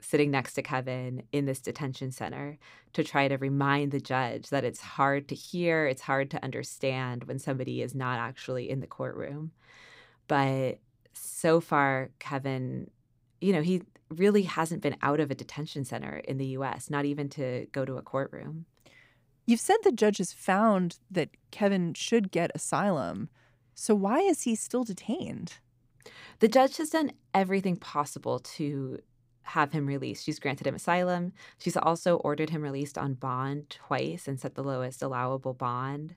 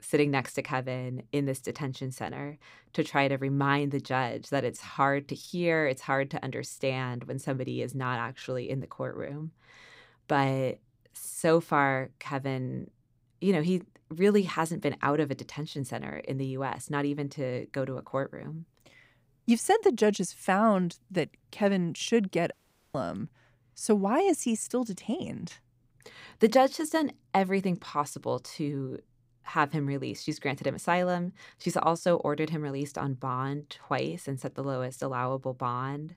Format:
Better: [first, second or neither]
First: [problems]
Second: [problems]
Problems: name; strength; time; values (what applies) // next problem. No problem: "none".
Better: first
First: none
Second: audio cutting out; at 23 s